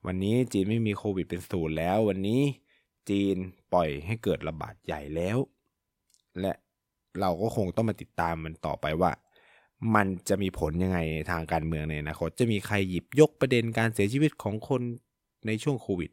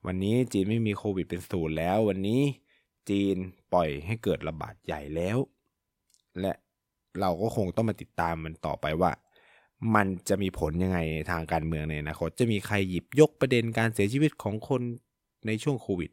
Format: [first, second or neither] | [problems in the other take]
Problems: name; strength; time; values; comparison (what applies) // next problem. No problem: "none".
neither | none